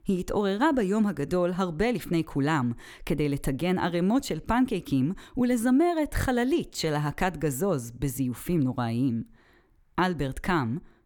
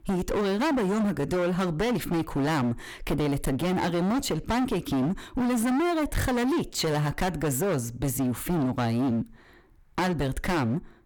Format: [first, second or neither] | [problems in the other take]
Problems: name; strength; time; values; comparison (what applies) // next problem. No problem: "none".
first | distortion; heavy; 31% of the sound clipped